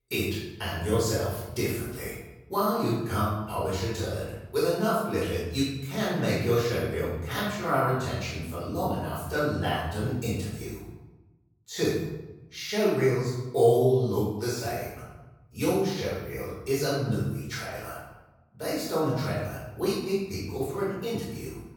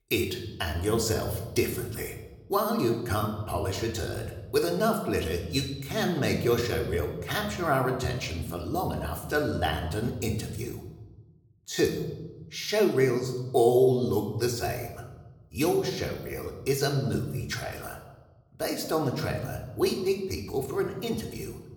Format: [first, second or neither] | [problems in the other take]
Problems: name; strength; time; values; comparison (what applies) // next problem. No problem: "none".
second | room echo; strong; dies away in 0.9 s; slight in the second // off-mic speech; far; somewhat distant in the second